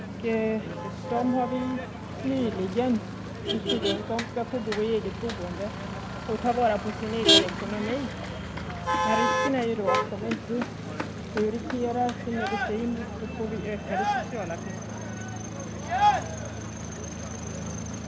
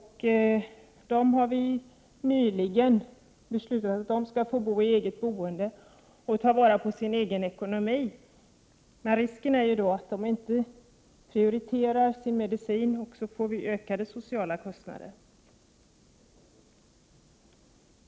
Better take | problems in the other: second | background sound (Motor vehicle (road)); 1 dB above the speech

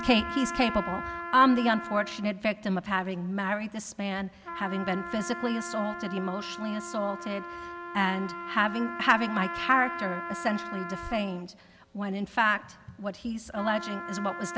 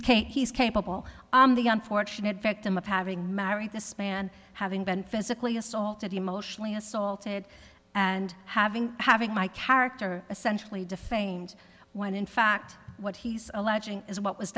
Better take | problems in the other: second | background sound (Trumpet); 10 dB below the speech

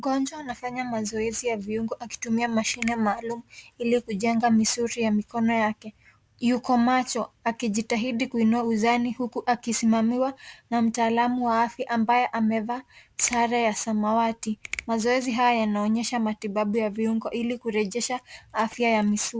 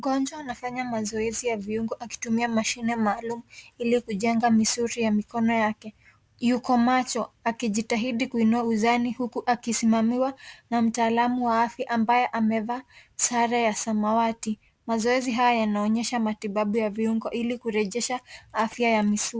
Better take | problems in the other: second | background sound (Finger snapping); 16 dB below the speech

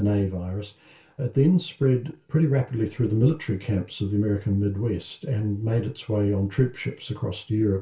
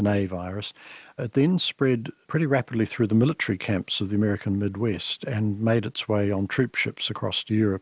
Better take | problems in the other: second | room echo; dies away in 0.2 s

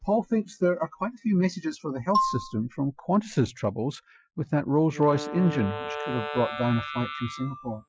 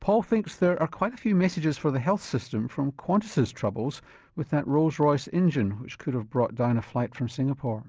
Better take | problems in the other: second | noise reduction (classical method Wiener filter)

